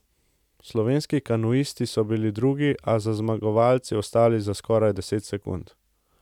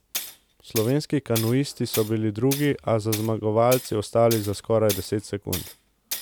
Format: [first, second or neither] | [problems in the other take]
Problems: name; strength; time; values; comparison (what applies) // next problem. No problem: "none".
first | background sound (Tools); 12 dB below the speech